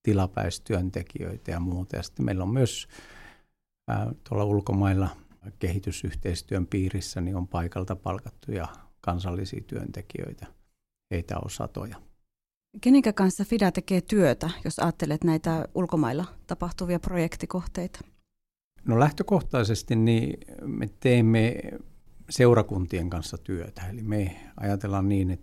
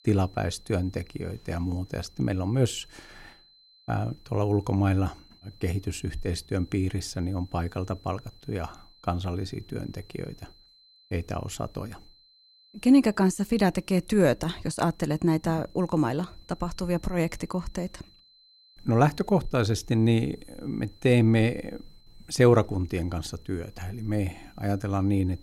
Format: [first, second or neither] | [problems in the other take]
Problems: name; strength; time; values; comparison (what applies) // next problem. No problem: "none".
first | high-pitched whine; faint; throughout; 4 kHz, 30 dB below the speech